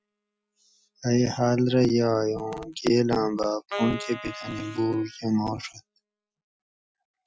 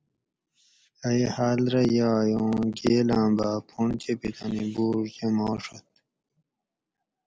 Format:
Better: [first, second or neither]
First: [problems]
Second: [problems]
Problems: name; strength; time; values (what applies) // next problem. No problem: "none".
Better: second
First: noise reduction (classical method Wiener filter)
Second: none